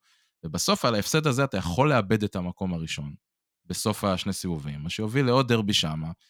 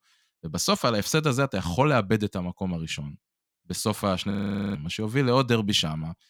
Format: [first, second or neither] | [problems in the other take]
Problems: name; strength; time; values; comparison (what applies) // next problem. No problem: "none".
first | audio freezing; at 4.5 s